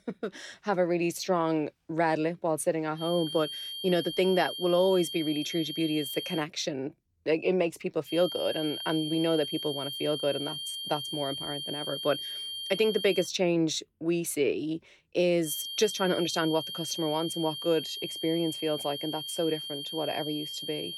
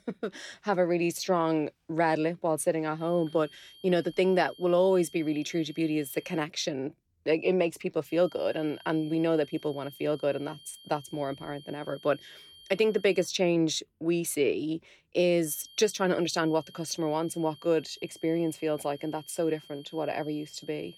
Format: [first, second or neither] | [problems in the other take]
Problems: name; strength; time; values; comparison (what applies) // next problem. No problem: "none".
second | high-pitched whine; loud; from 3 to 6.5 s, from 8 to 13 s and from 15 s on; 3 kHz, 5 dB below the speech; faint in the second